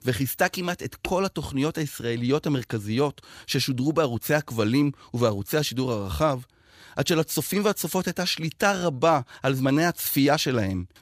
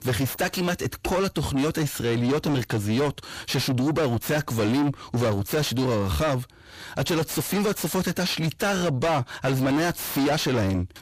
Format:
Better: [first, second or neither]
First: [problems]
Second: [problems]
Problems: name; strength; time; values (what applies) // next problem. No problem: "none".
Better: first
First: none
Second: distortion; heavy; 5 dB below the speech